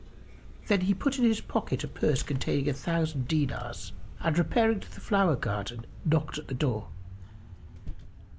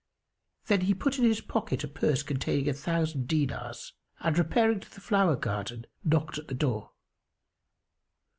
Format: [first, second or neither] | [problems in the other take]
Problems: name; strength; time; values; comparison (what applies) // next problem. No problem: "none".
second | background sound (Vehicle); 11 dB below the speech